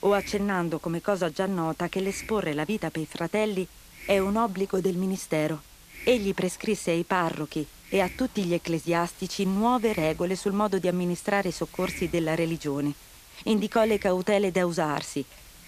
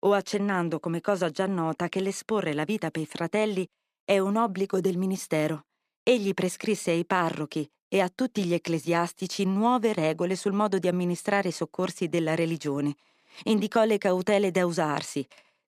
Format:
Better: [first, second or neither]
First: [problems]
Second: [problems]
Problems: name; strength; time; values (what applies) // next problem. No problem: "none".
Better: second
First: hiss; noticeable; throughout; 15 dB below the speech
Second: none